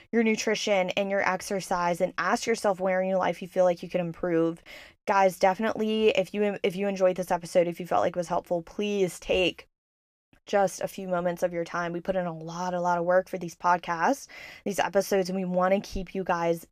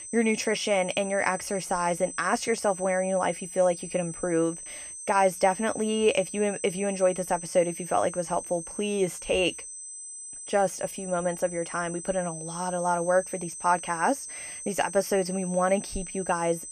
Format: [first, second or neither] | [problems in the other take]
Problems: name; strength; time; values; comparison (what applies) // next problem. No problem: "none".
first | high-pitched whine; loud; throughout; 8 kHz, 10 dB below the speech